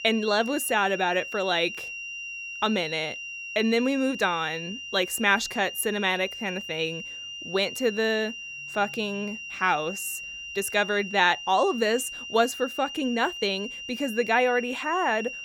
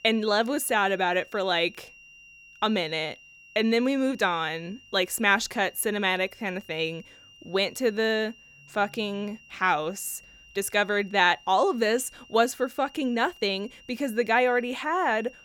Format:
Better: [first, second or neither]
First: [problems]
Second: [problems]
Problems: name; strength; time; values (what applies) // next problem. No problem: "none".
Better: second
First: high-pitched whine; loud; throughout; 3 kHz, 9 dB below the speech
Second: high-pitched whine; faint; throughout; 3 kHz, 25 dB below the speech